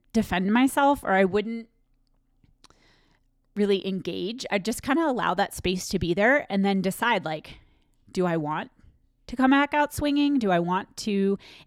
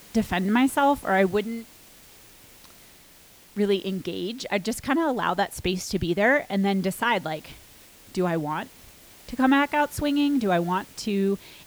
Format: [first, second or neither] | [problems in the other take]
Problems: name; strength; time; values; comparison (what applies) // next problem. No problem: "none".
first | hiss; faint; throughout; 25 dB below the speech